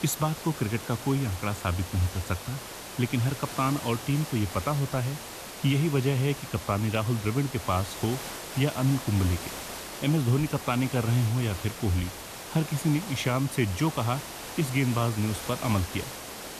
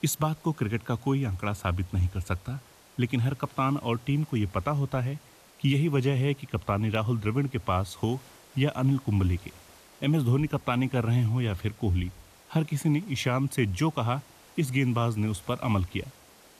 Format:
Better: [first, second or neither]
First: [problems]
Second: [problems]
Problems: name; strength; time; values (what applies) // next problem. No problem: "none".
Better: second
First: hiss; loud; throughout; 9 dB below the speech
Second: hiss; faint; throughout; 25 dB below the speech